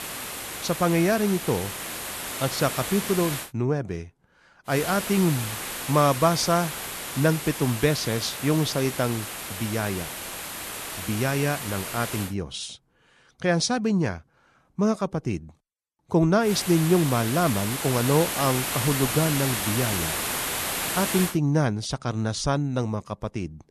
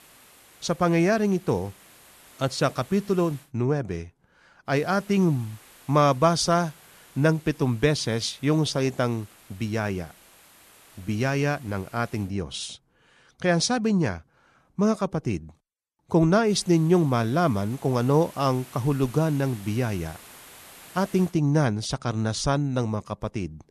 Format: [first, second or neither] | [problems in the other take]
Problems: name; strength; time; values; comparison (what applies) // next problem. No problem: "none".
second | hiss; loud; until 3.5 s, from 4.5 to 12 s and from 16 to 21 s; 5 dB below the speech; faint in the second